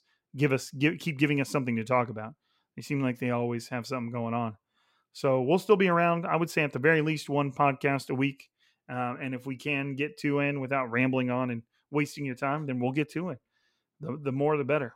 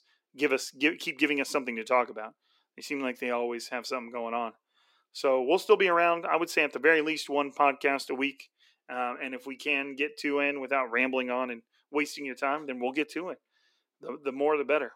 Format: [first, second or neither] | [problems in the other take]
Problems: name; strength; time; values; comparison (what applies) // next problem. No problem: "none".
first | thin; somewhat; fading below 300 Hz